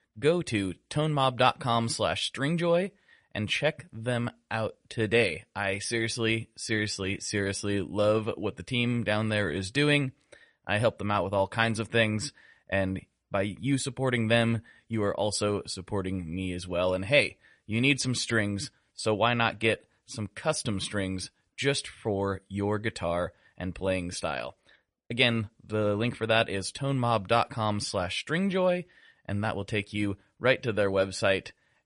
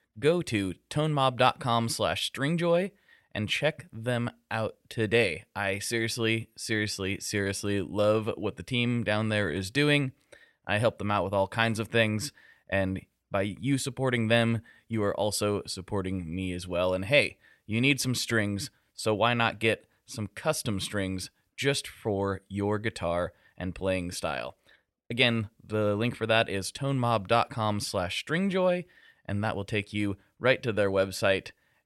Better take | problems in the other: second | garbled, watery; slightly; nothing above 10.5 kHz

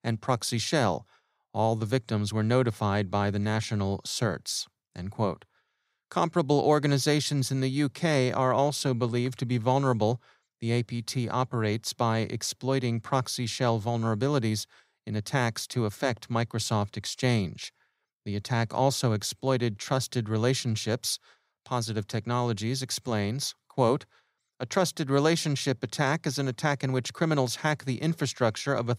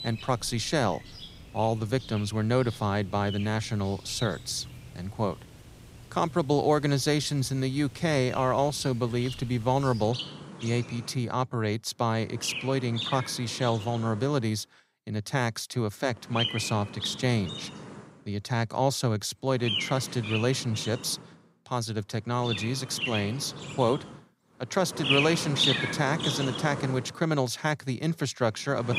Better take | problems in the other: first | animal sounds; loud; throughout; 6 dB below the speech

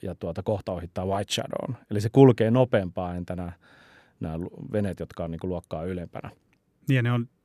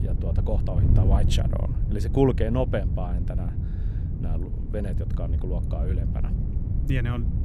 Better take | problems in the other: first | wind noise on the microphone; heavy; 8 dB below the speech

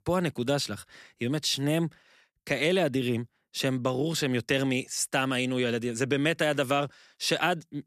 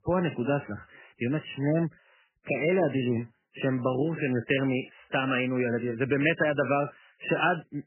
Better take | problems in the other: first | garbled, watery; badly; nothing above 3 kHz

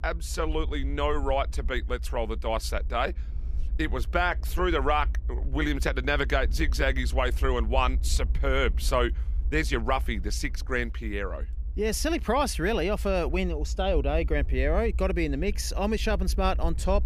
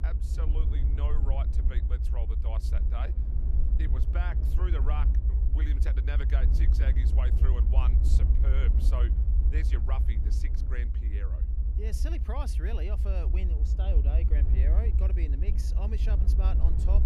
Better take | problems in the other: first | low rumble; loud; throughout; 3 dB below the speech; faint in the first

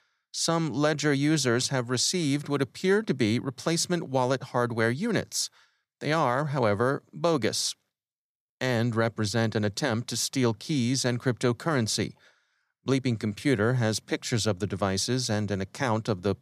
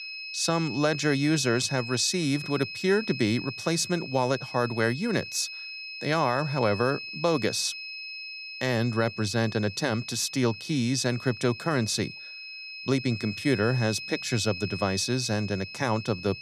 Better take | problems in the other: first | high-pitched whine; loud; throughout; 2.5 kHz, 10 dB below the speech

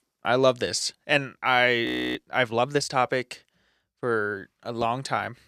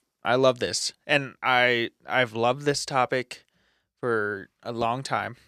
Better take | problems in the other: second | audio freezing; at 2 s

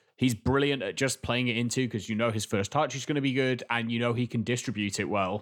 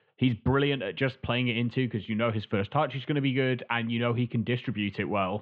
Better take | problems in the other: first | muffled; very; fading above 3 kHz

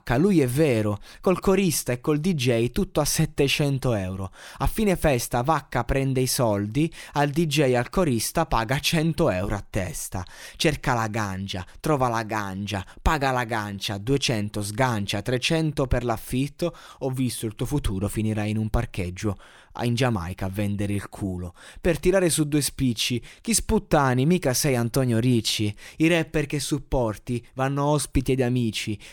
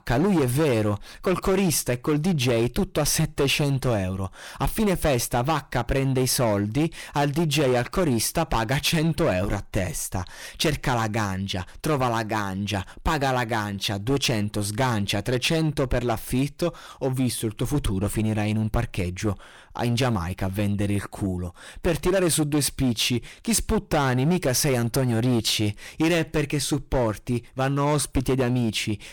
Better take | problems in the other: first | distortion; slight; 12% of the sound clipped

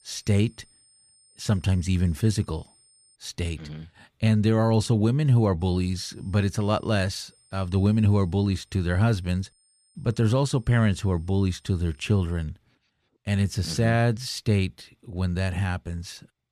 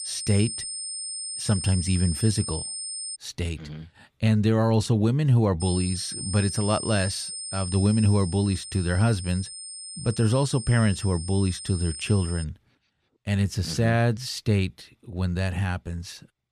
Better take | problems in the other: first | high-pitched whine; loud; until 3 s and from 5.5 to 12 s; 8.5 kHz, 8 dB below the speech; faint in the first

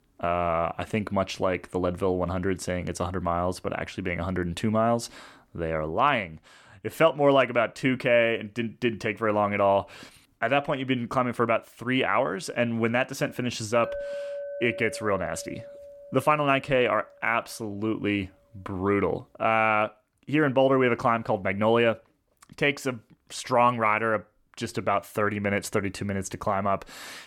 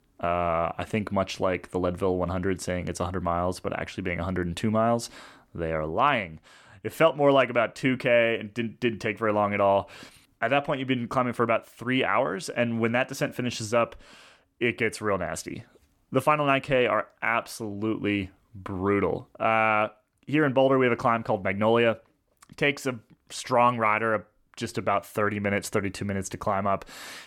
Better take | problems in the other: second | clattering dishes; noticeable; from 14 to 17 s; peak 8 dB below the speech

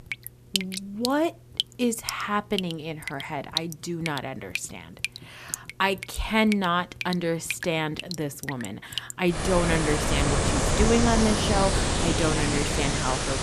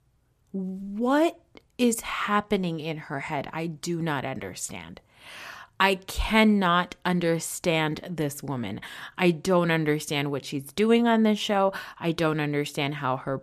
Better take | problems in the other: second | rain or running water; loud; throughout; 1 dB below the speech

